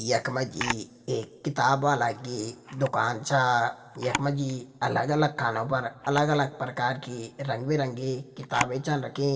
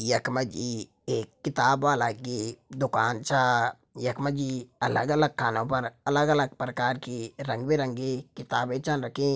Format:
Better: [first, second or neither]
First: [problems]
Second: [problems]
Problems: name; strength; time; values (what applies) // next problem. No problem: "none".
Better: second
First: background sound (Camera); 14 dB below the speech // room echo; dies away in 1.5 s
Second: none